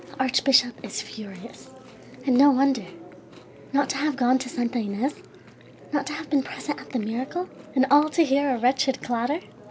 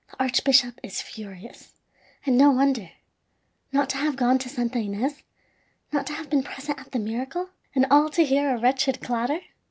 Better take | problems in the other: second | background sound (Chewing, mastication); 19 dB below the speech

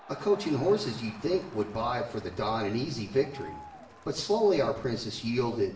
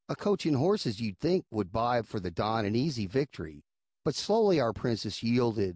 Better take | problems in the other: second | background sound (Crowd); 20 dB below the speech // room echo; dies away in 0.7 s

